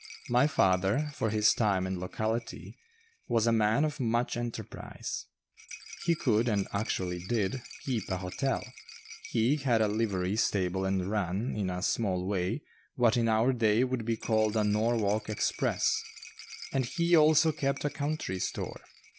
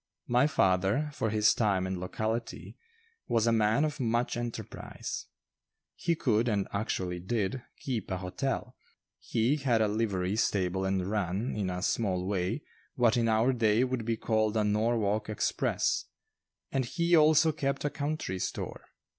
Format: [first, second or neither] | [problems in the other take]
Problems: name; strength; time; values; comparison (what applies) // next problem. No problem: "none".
second | background sound (Rattle); 19 dB below the speech